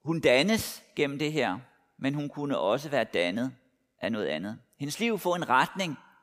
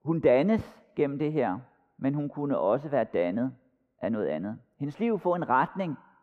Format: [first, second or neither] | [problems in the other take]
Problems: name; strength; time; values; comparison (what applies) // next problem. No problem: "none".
first | muffled; very; fading above 3 kHz